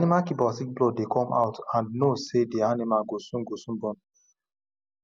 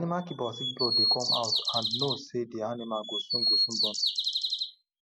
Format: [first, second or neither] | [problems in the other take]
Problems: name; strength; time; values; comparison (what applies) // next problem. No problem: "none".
first | background sound (Bird vocalization, bird call, bird song); 5 dB above the speech